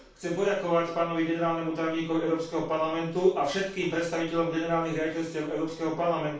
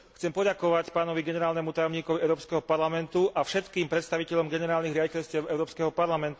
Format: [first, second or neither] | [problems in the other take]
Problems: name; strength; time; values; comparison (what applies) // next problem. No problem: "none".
second | room echo; dies away in 0.3 s